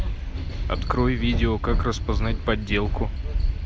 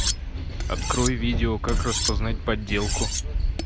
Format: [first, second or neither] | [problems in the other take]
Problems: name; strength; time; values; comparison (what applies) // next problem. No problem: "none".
first | background sound (Cutlery, silverware); 8 dB below the speech